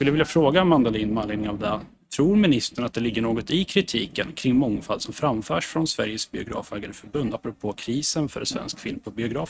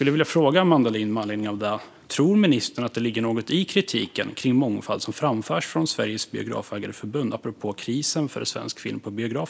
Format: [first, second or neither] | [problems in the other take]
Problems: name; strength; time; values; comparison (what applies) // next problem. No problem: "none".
second | noise reduction (neural mask model RNNoise)